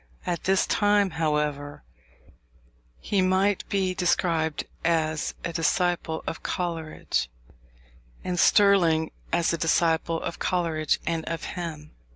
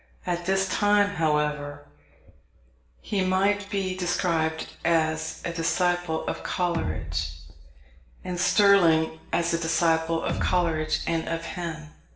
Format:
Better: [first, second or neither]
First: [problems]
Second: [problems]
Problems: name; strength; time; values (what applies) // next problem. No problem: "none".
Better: first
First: none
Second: background sound (Bass drum); 6 dB below the speech // room echo; dies away in 0.7 s